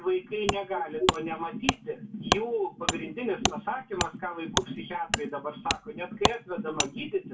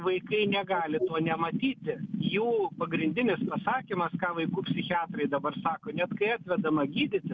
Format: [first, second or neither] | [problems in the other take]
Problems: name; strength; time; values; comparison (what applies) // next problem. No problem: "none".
second | background sound (Wood); 1 dB below the speech // room echo; dies away in 0.2 s